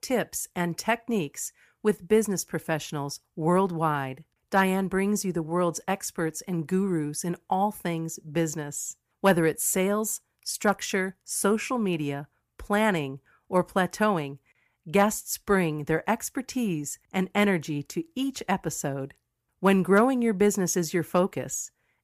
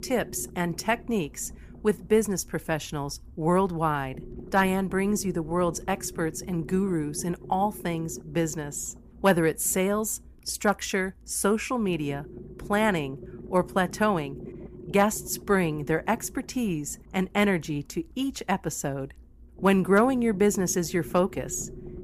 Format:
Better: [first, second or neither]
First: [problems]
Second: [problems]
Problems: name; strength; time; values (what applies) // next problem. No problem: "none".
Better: first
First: none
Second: low rumble; faint; throughout; 20 dB below the speech